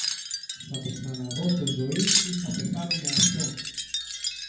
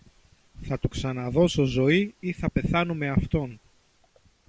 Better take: second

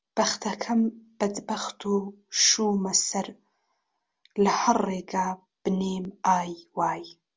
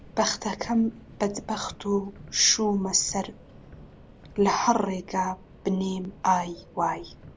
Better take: first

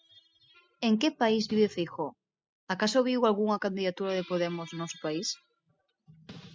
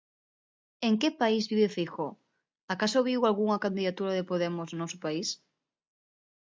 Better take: second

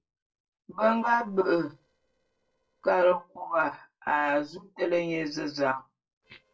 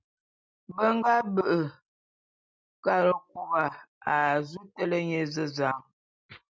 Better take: second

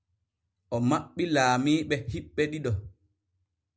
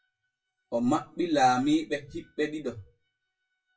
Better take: first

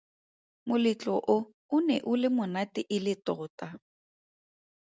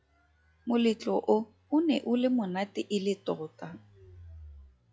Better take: first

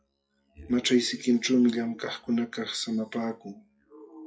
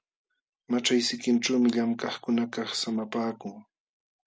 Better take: second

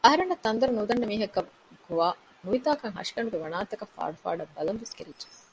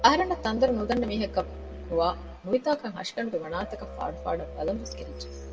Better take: first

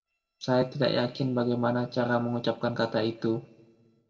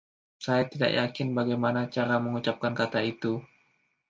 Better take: second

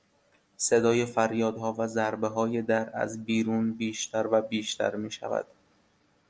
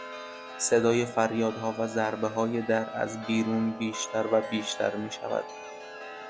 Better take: first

